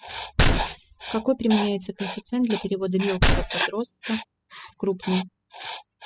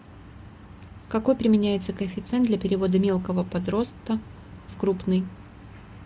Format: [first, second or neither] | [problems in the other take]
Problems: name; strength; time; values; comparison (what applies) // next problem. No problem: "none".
second | noise reduction (classical method spectral subtraction)